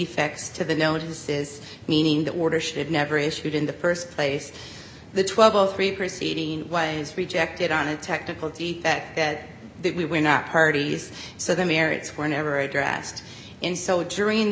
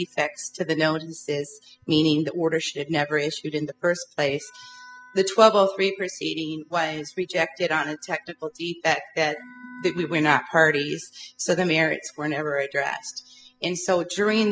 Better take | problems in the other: first | noise reduction (classical method spectral subtraction)

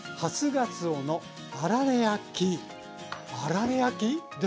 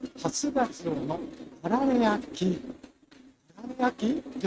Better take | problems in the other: first | noise reduction (neural mask model RNNoise)

